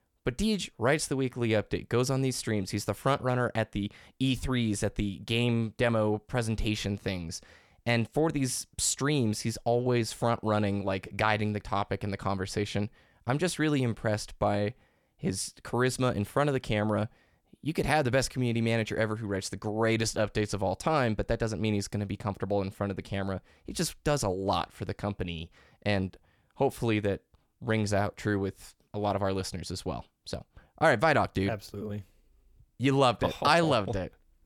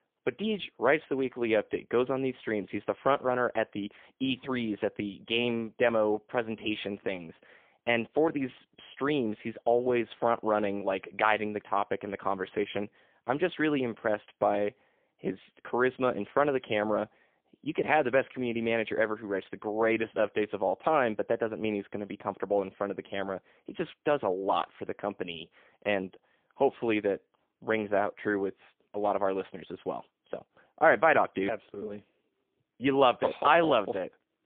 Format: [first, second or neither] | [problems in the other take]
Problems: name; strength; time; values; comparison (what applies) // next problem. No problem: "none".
first | phone-call audio; poor line; nothing above 3.5 kHz